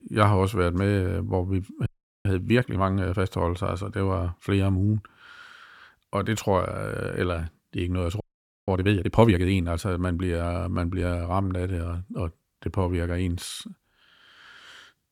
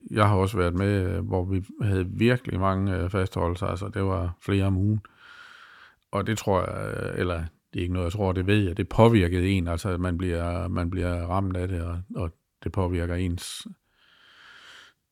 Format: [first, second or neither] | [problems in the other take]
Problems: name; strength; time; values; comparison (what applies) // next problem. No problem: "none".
second | audio freezing; at 2 s and at 8 s